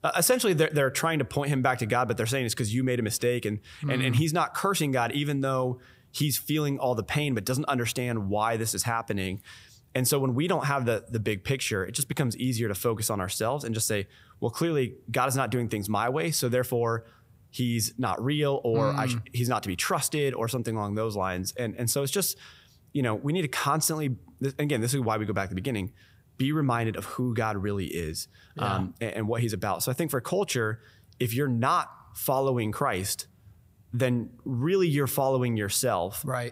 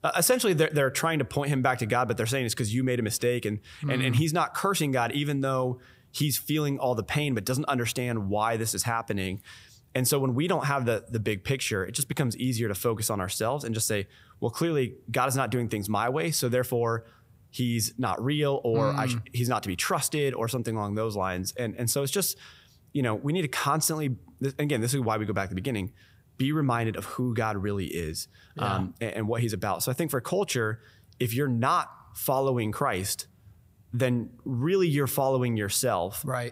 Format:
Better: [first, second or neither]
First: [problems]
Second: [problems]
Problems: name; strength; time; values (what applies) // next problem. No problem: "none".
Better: neither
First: none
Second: none